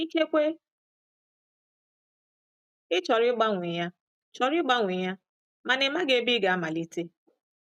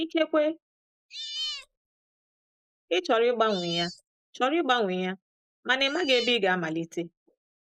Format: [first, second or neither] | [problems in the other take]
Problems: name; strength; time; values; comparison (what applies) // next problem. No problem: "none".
first | noise reduction (neural mask model Resemble Enhance denoiser)